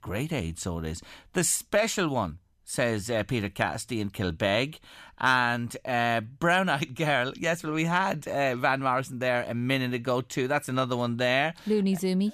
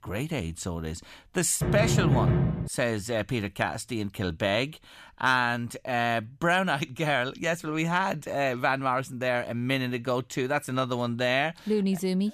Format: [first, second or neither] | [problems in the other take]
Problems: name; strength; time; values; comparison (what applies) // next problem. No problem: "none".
first | door banging; loud; from 1.5 to 2.5 s; peak 4 dB above the speech